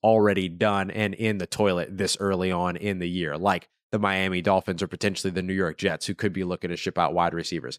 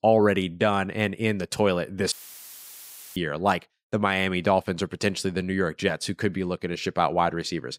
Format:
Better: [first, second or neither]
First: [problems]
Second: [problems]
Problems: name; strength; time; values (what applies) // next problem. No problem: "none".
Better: first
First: none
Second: audio cutting out; filled with static; at 2 s for 1 s